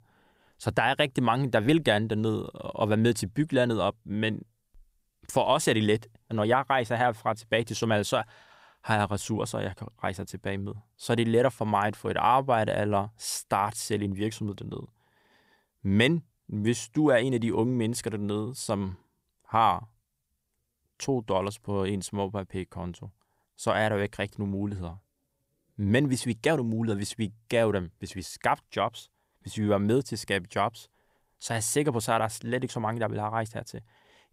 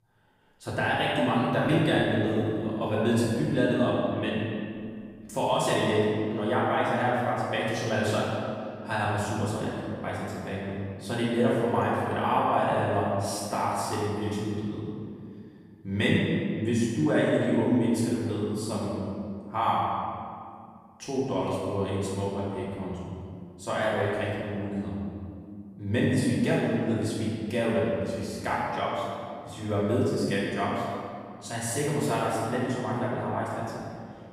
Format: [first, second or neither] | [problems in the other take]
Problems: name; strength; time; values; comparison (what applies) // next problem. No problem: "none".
first | room echo; strong; dies away in 2.1 s // off-mic speech; far